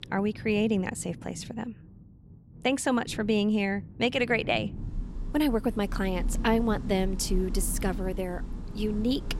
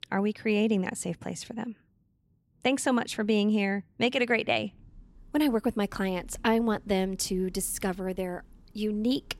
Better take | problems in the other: second | rain or running water; loud; throughout; 10 dB below the speech; faint in the second

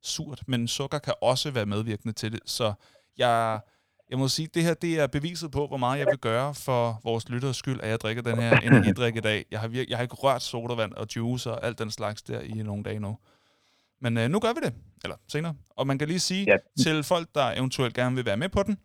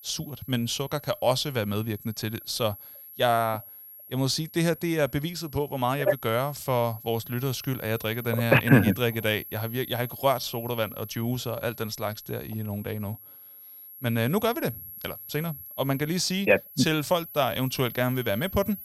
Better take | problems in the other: first | high-pitched whine; noticeable; throughout; 11.5 kHz, 15 dB below the speech

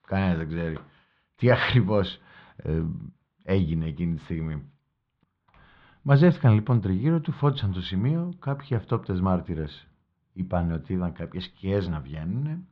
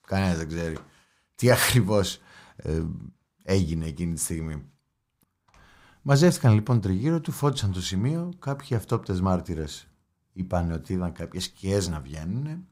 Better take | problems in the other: second | muffled; very; fading above 3.5 kHz

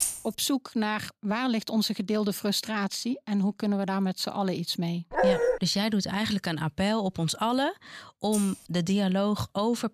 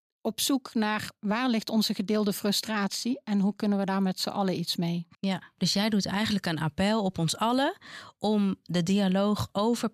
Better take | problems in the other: second | jangling keys; noticeable; at the start and at 8.5 s; peak level with the speech // dog barking; loud; at 5 s; peak 4 dB above the speech

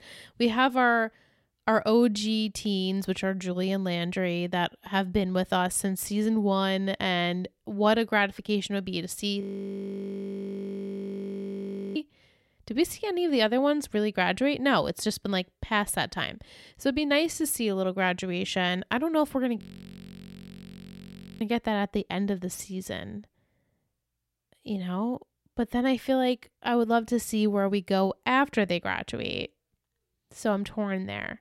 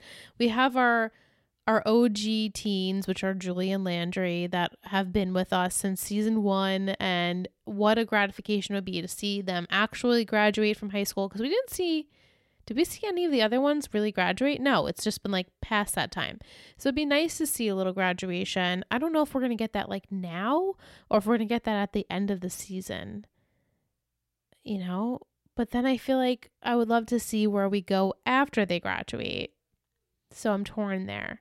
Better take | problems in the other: second | audio freezing; at 9.5 s for 2.5 s and at 20 s for 2 s

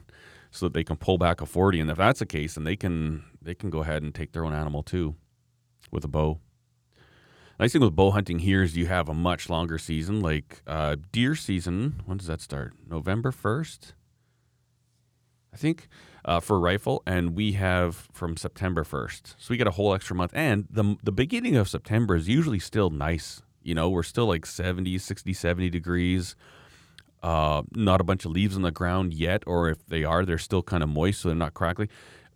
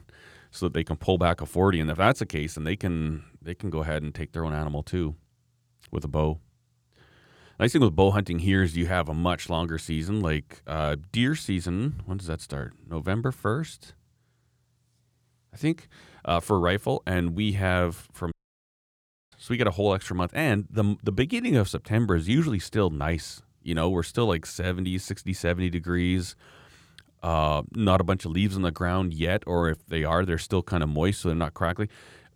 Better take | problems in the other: first | audio cutting out; at 18 s for 1 s

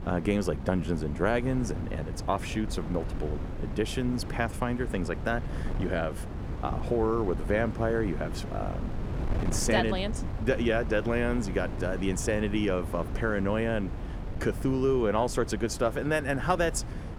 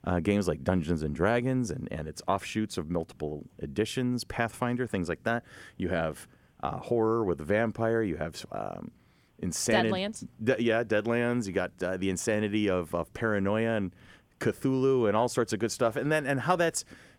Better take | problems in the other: second | wind noise on the microphone; occasional gusts; 15 dB below the speech

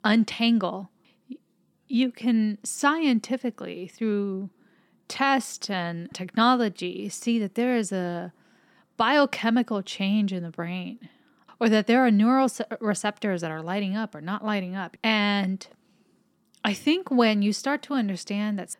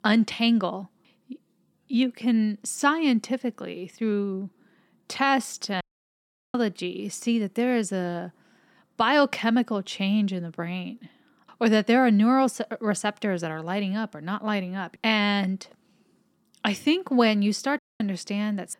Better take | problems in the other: first | audio cutting out; at 6 s for 0.5 s and at 18 s

